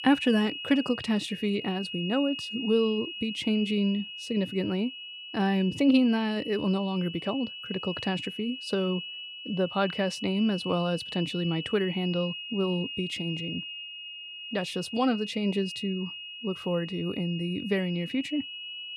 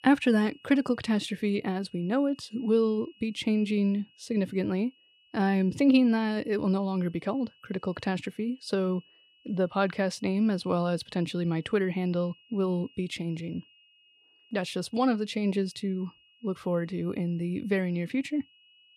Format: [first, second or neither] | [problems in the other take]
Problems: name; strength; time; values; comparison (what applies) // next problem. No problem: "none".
second | high-pitched whine; loud; throughout; 3 kHz, 8 dB below the speech; faint in the second